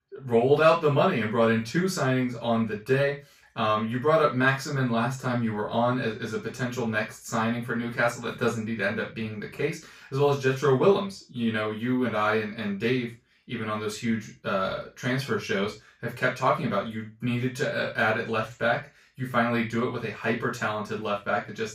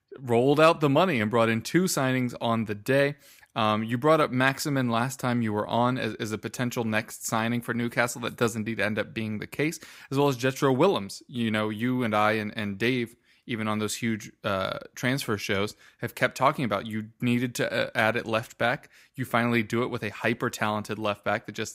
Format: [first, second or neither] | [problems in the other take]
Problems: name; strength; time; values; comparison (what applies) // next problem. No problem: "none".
second | room echo; slight; dies away in 0.2 s // off-mic speech; far